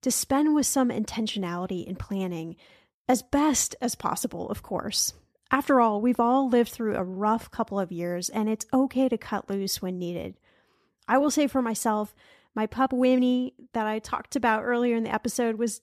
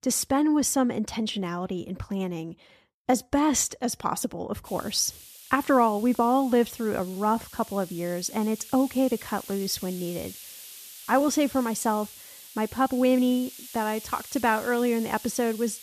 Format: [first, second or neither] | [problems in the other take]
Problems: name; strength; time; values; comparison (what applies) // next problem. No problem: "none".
first | hiss; noticeable; from 4.5 s on; 15 dB below the speech